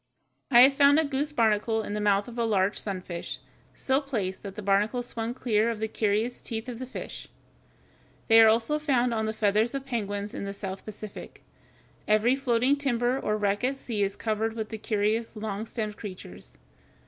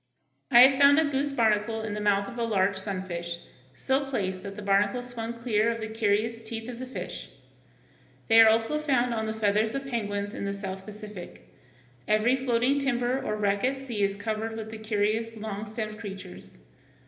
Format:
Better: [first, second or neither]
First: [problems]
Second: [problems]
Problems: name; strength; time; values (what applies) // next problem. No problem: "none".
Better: first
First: none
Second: room echo; dies away in 0.8 s